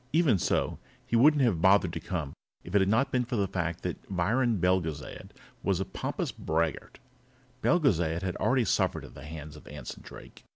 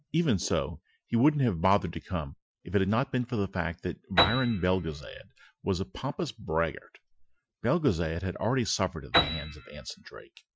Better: first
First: none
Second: noise reduction (classical method Wiener filter)

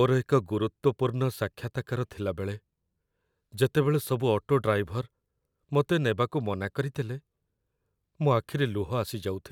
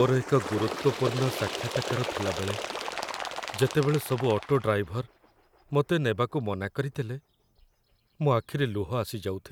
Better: first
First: none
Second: background sound (Bird); 9 dB below the speech

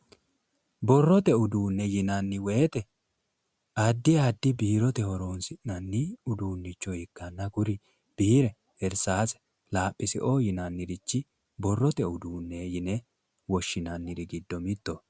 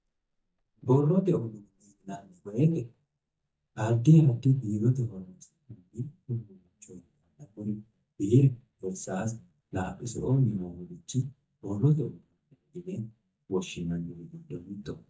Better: first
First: none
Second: noise reduction (neural mask model DeepFilterNet 3)

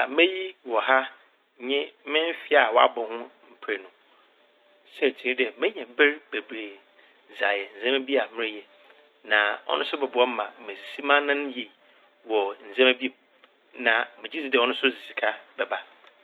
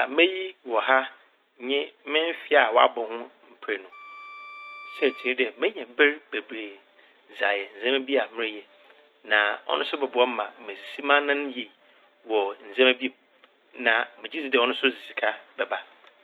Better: first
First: none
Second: background sound (Wind instrument, woodwind instrument); 18 dB below the speech

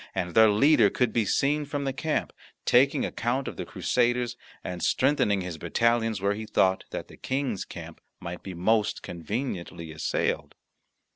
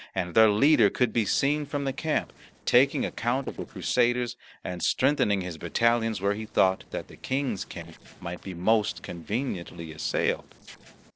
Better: first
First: none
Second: noise reduction (neural separator model SepFormer DNS4)

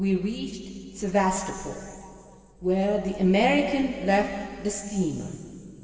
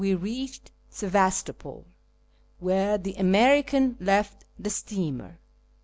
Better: second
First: room echo; dies away in 2.5 s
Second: none

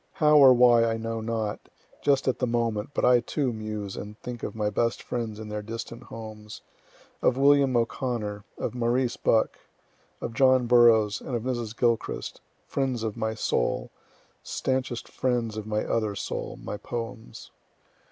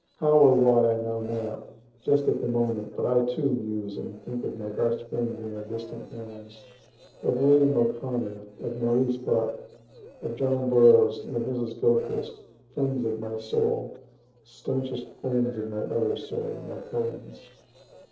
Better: first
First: none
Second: noise reduction (neural separator model SepFormer DNS4)

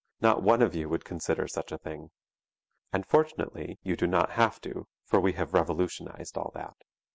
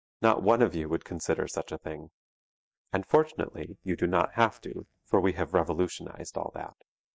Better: first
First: none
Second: noise reduction (neural mask model DeepFilterNet 3)

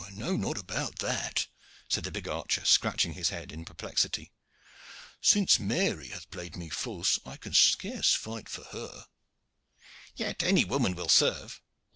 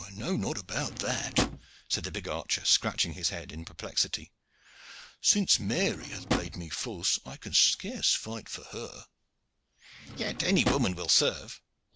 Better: first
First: none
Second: background sound (Drawer open or close); 4 dB below the speech

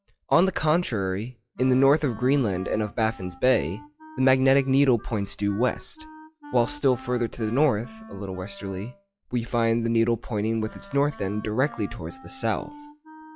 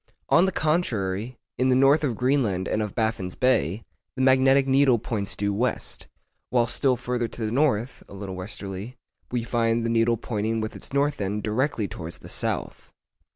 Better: second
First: noise reduction (classical method log-MMSE)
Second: none

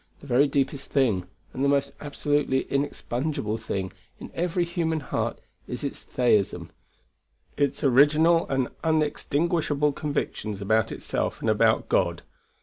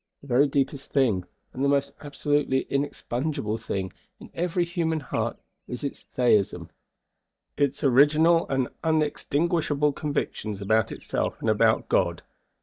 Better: first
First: none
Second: noise reduction (neural mask model DeepFilterNet 3)

